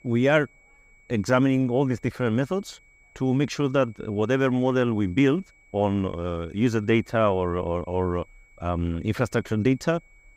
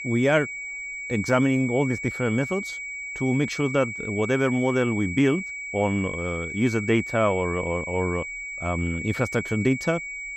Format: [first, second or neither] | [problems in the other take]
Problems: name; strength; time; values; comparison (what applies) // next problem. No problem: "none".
first | high-pitched whine; loud; throughout; 2.5 kHz, 7 dB below the speech; faint in the first